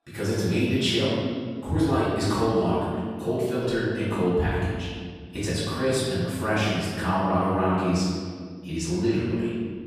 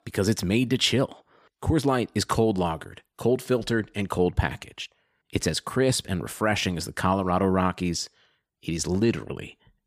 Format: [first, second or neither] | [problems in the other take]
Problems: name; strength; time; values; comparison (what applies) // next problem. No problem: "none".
second | off-mic speech; far // room echo; strong; dies away in 1.9 s